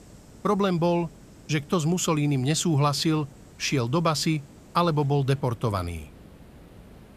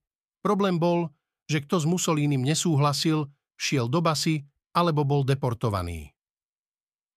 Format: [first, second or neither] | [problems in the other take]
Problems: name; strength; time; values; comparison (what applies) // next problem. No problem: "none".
second | hiss; faint; throughout; 25 dB below the speech